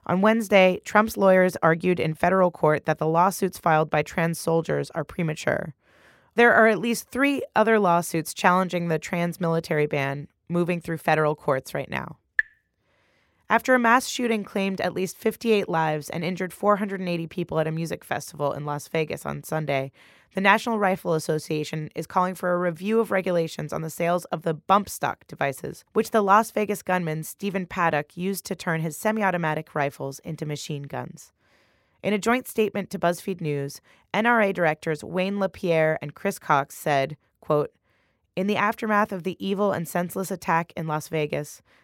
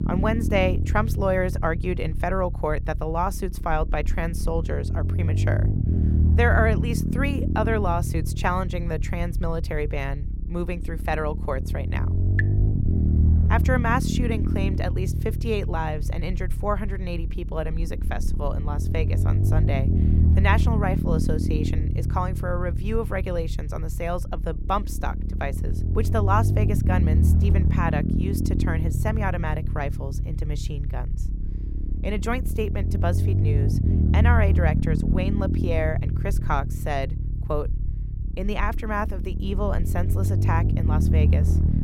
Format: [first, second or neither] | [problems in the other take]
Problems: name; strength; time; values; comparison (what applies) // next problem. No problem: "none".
first | low rumble; loud; throughout; 8 dB below the speech